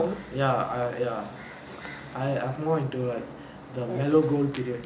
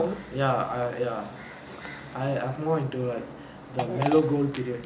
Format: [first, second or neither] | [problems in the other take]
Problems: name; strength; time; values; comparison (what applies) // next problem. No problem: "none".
first | background sound (Fart); 6 dB below the speech